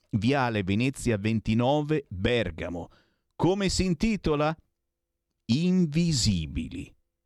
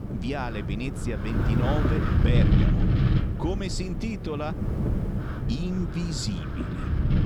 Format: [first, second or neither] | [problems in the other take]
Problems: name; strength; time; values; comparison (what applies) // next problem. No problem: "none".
first | wind noise on the microphone; heavy; 1 dB below the speech